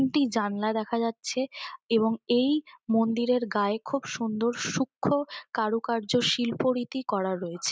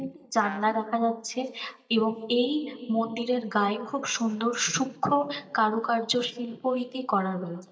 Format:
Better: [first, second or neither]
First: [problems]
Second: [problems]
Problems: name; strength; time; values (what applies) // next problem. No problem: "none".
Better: first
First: none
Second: noise reduction (neural mask model DeepFilterNet 3)